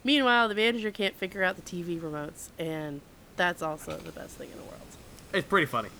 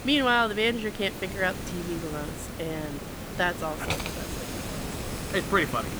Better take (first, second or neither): first